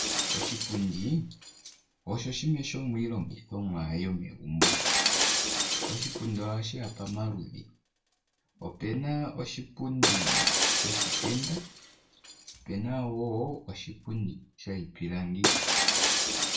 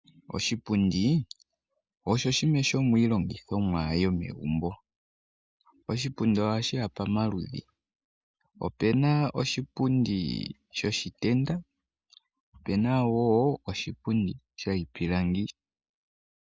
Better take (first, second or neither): second